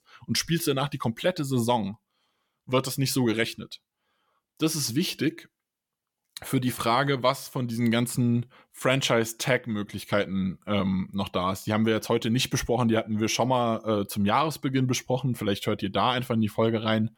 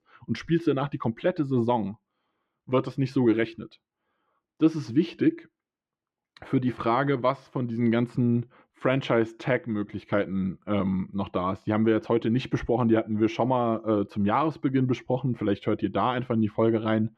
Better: first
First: none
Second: muffled; very; fading above 2 kHz

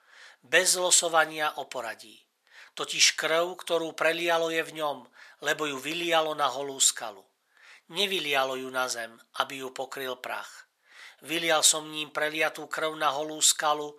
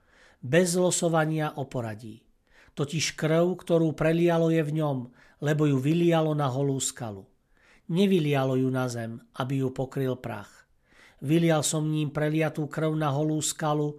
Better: second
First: thin; very; fading below 900 Hz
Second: none

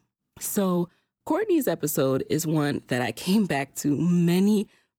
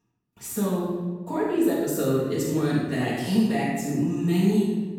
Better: first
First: none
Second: off-mic speech; far // room echo; strong; dies away in 1.2 s

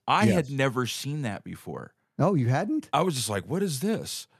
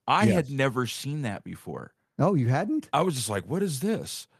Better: first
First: none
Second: garbled, watery; slightly; nothing above 13.5 kHz

